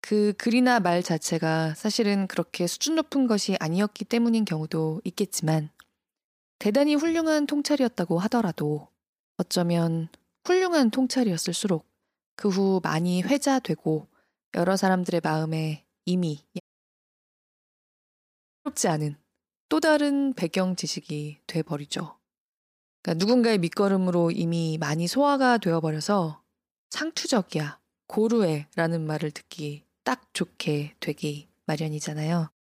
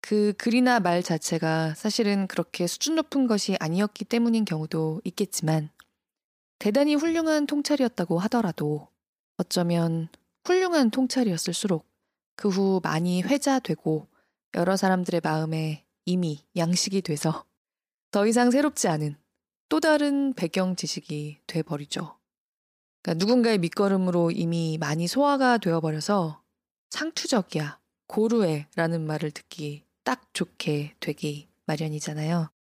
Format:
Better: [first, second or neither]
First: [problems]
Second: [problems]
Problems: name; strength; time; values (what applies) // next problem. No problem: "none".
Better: second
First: audio cutting out; at 17 s for 2 s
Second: none